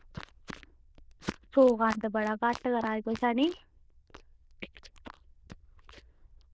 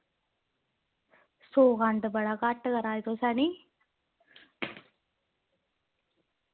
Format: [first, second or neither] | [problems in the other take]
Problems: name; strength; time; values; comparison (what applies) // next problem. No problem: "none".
second | noise reduction (neural diffusion model UNIVERSE++)